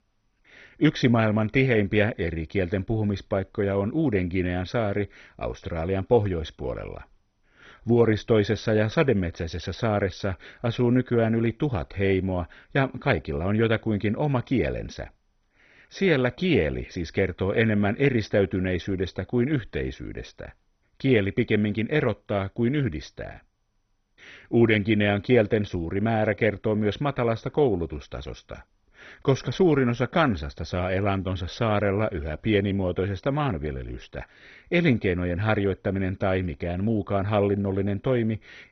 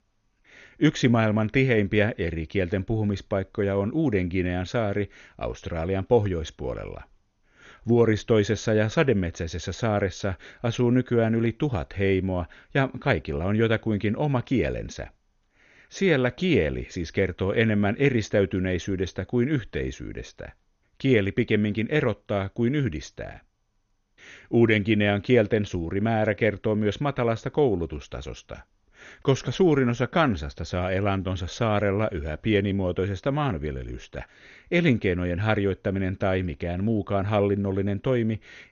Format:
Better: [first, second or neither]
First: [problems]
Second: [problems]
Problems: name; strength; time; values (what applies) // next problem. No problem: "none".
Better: second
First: garbled, watery; badly; nothing above 6 kHz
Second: garbled, watery; slightly; nothing above 6.5 kHz